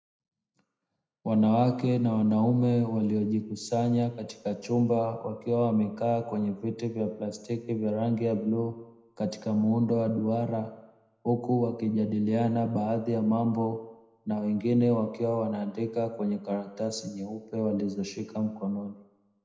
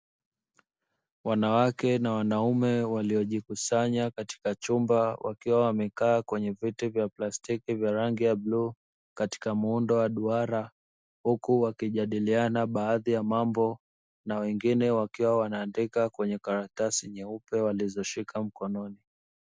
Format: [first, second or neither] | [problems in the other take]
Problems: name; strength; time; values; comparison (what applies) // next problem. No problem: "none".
second | room echo; dies away in 0.7 s